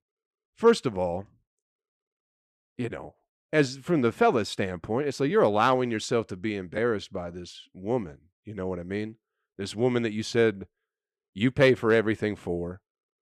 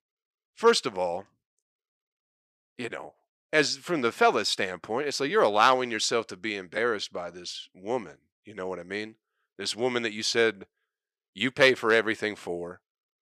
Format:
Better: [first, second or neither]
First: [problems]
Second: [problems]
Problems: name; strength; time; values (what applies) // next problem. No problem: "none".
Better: first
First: none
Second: thin; somewhat; fading below 900 Hz